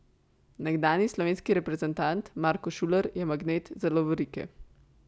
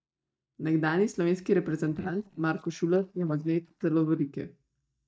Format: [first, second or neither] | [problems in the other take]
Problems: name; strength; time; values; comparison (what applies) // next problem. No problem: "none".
first | noise reduction (neural mask model DeepFilterNet 3)